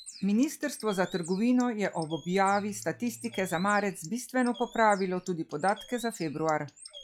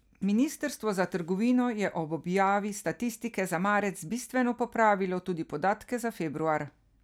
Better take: second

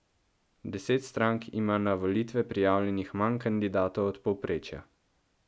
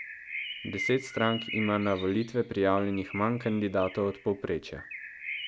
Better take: first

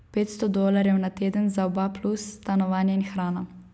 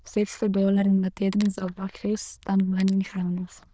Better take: first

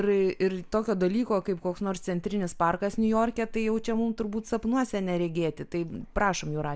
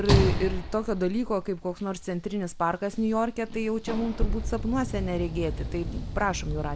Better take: first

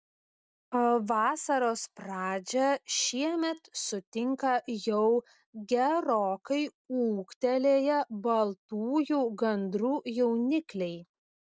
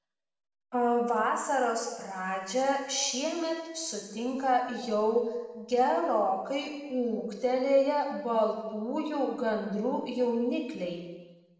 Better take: first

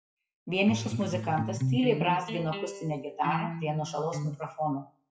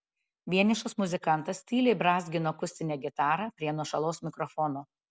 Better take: second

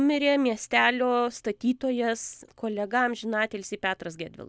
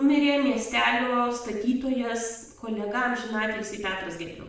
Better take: first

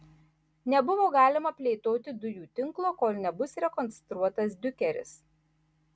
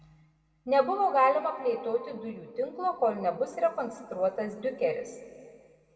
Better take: first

